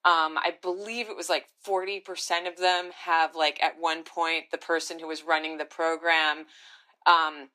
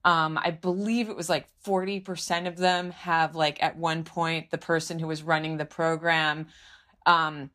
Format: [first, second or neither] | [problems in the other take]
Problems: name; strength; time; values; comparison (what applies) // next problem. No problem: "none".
second | thin; very; fading below 300 Hz